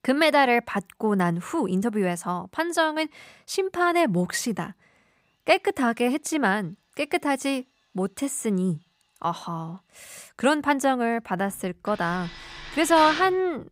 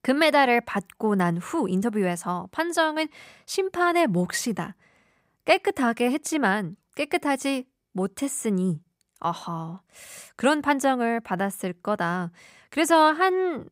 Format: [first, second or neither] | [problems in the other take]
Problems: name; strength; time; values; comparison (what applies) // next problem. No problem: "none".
second | machinery noise; noticeable; throughout; 10 dB below the speech